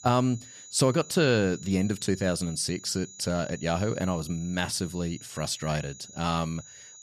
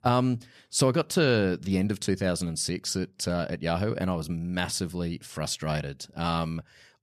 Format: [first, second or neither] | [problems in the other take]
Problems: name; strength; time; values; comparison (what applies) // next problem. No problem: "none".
second | high-pitched whine; noticeable; throughout; 7 kHz, 15 dB below the speech